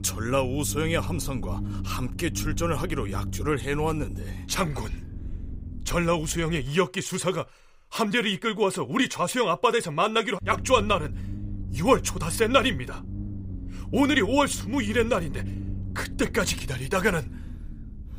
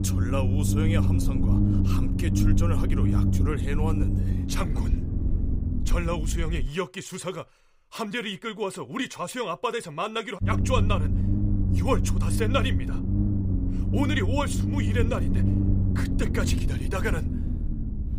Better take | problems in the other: first | low rumble; loud; until 6.5 s and from 10 s on; 5 dB below the speech; faint in the first

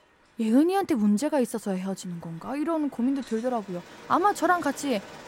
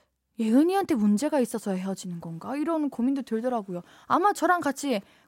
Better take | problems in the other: second | train or aircraft noise; faint; throughout; 20 dB below the speech

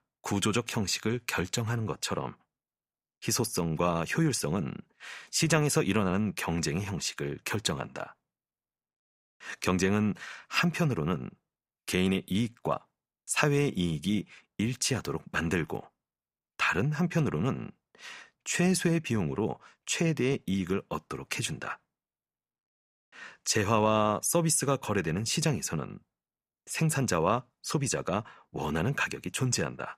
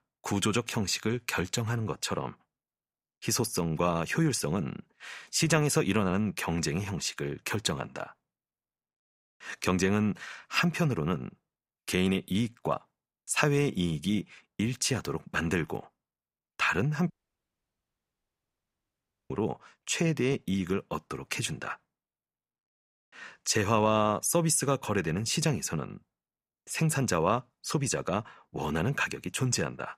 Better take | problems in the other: first | audio cutting out; at 17 s for 2 s

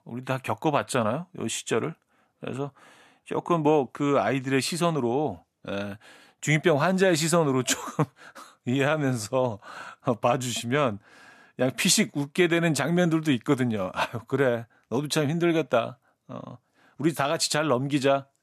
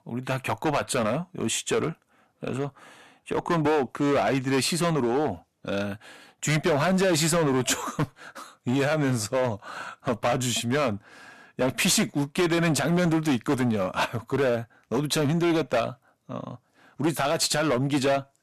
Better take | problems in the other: first | distortion; heavy; 11% of the sound clipped

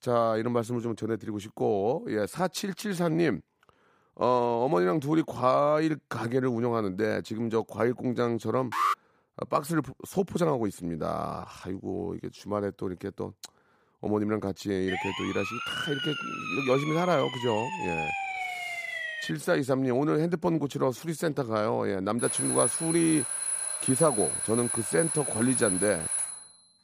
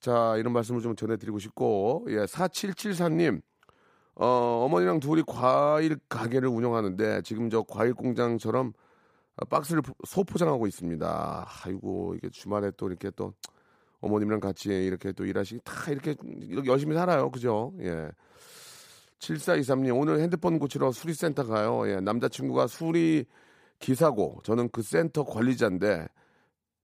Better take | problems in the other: second | alarm; loud; at 8.5 s and from 22 s on; peak 3 dB above the speech // siren; noticeable; from 15 to 19 s; peak 2 dB below the speech

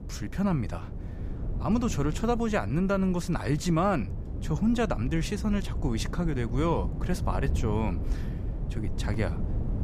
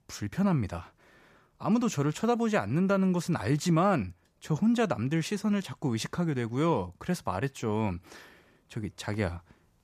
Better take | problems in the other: second | wind noise on the microphone; occasional gusts; 15 dB below the speech

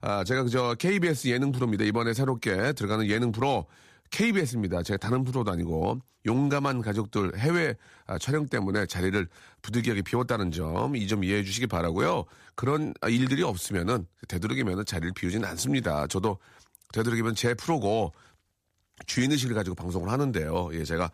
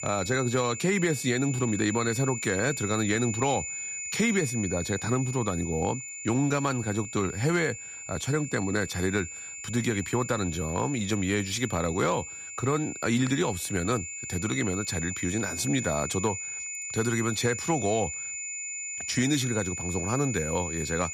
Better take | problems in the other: first | high-pitched whine; loud; throughout; 7 kHz, 6 dB below the speech

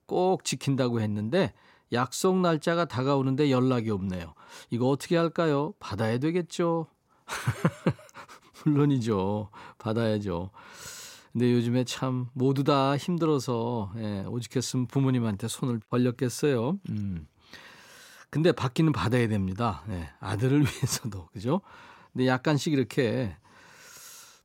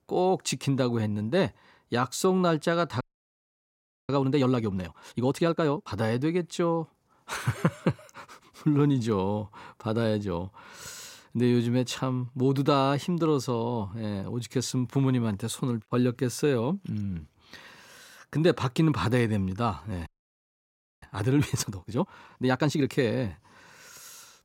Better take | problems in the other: first | audio freezing; at 3 s for 1 s and at 20 s for 1 s

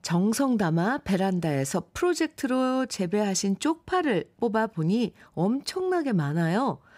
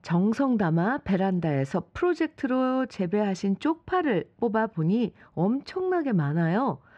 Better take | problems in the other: first | muffled; slightly; fading above 2.5 kHz

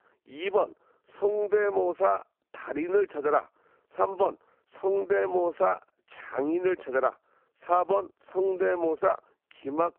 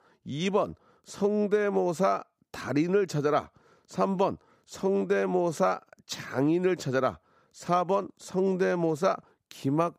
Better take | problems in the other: second | phone-call audio; poor line

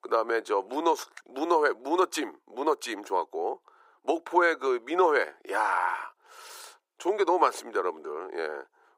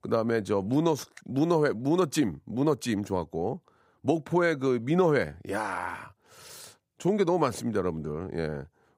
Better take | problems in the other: second | thin; very; fading below 350 Hz

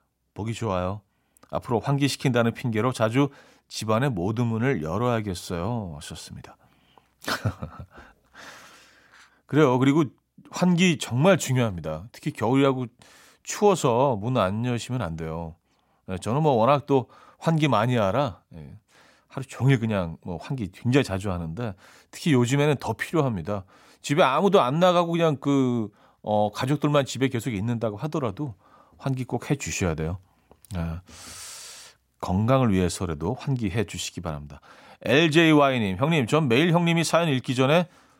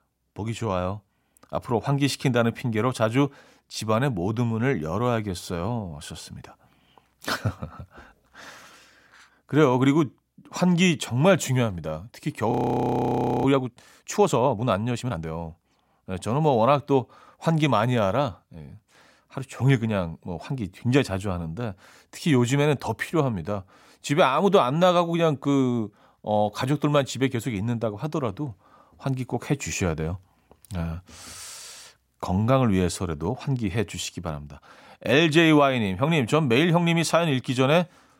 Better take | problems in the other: first | audio freezing; at 13 s for 1 s

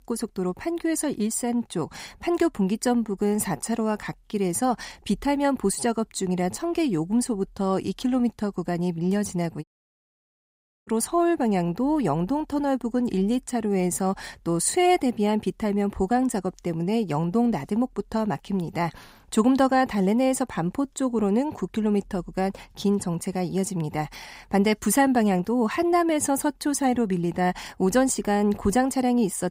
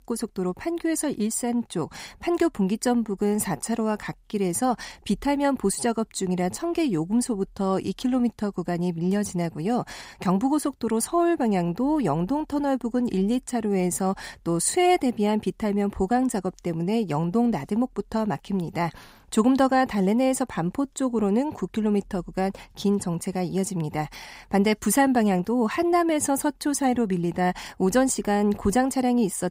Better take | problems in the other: second | audio cutting out; at 9.5 s for 1 s

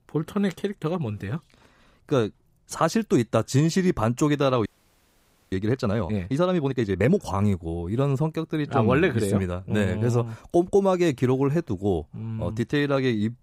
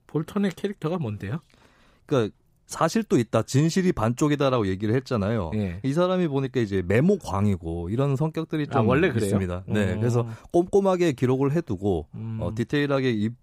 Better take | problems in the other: second | audio freezing; at 4.5 s for 1 s

